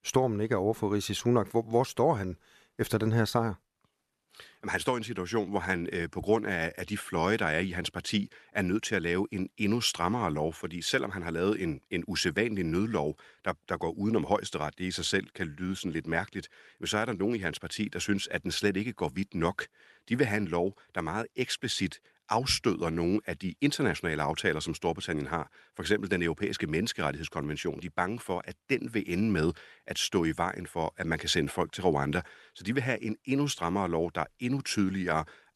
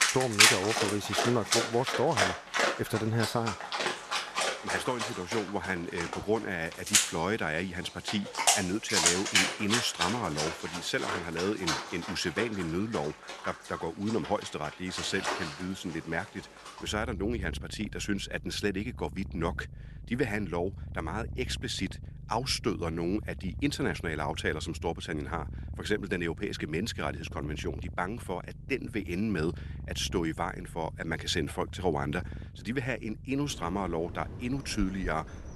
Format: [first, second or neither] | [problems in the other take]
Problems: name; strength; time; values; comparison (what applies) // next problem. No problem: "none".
first | animal sounds; very loud; throughout; 1 dB above the speech